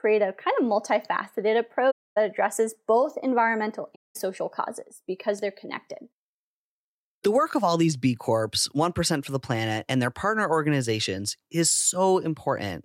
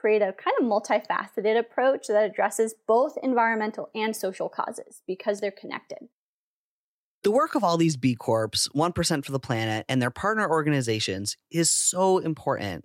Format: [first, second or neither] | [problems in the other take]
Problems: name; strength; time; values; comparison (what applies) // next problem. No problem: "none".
second | audio cutting out; at 2 s and at 4 s